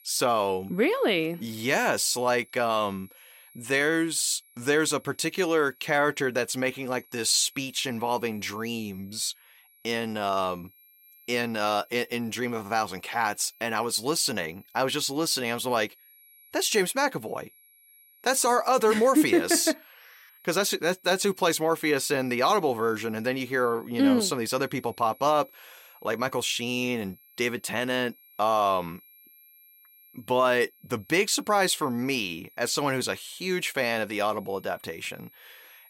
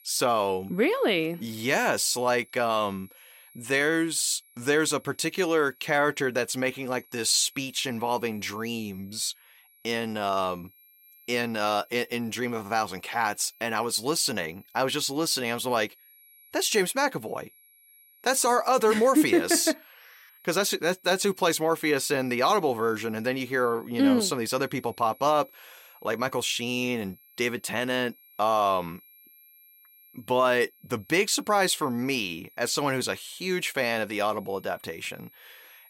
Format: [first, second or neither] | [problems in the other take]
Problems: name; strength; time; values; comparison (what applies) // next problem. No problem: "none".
neither | high-pitched whine; faint; throughout; 11.5 kHz, 25 dB below the speech; the same in both